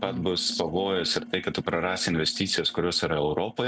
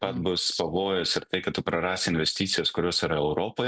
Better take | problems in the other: second | background sound (Sink (filling or washing)); 17 dB below the speech

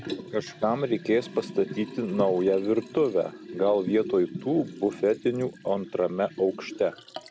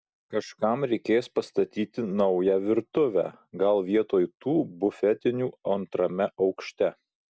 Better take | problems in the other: second | background sound (Liquid); 13 dB below the speech

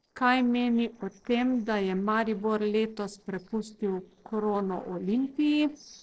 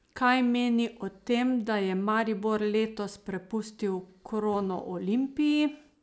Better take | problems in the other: second | noise reduction (neural separator model SepFormer DNS4)

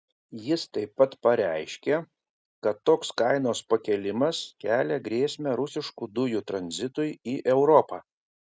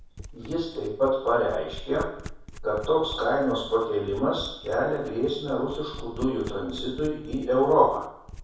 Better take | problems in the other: first | background sound (Domestic sounds, home sounds); 15 dB below the speech // room echo; dies away in 0.7 s

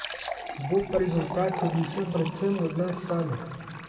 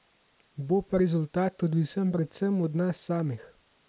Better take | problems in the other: second | background sound (Fill (with liquid)); 10 dB below the speech // room echo; dies away in 1.7 s

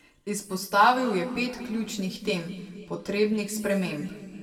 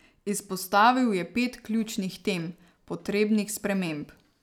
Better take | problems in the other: second | room echo; dies away in 1.8 s

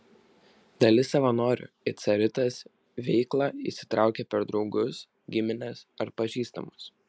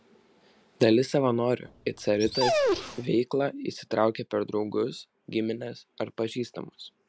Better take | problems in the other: first | background sound (Dog); 1 dB below the speech

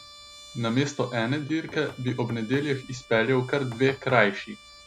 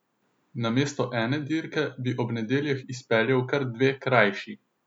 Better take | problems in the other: second | background sound (Knock + Trumpet); 19 dB below the speech

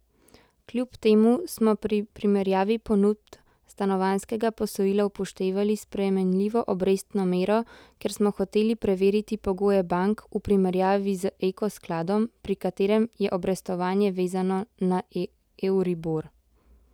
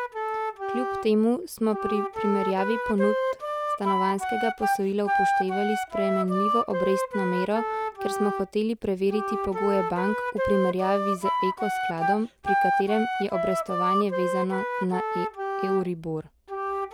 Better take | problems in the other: first | background sound (Wind instrument, woodwind instrument); as loud as the speech

